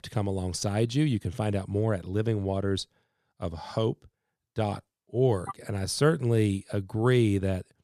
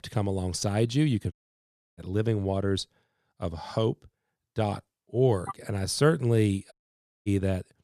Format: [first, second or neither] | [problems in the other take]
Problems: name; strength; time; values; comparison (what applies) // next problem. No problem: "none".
first | audio cutting out; at 1.5 s for 0.5 s and at 6.5 s for 0.5 s